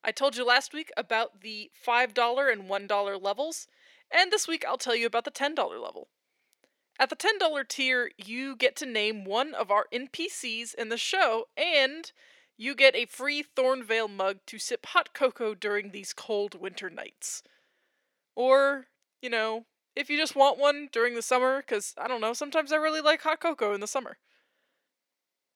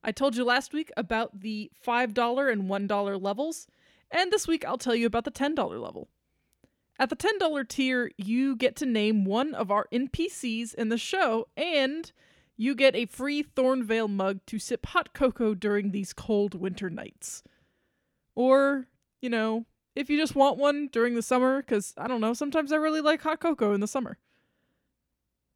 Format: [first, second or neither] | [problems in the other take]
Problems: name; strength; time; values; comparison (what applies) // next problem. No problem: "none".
second | thin; somewhat; fading below 550 Hz